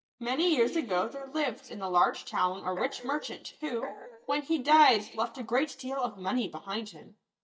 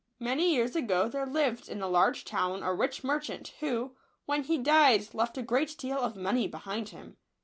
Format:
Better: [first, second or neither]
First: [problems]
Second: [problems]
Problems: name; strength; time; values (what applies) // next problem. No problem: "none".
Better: second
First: noise reduction (neural mask model DeepFilterNet 3)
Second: none